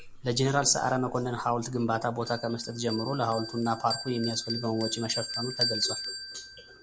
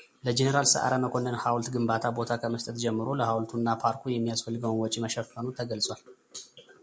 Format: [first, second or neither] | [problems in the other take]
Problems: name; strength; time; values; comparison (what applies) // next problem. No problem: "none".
second | background sound (Bell); 8 dB below the speech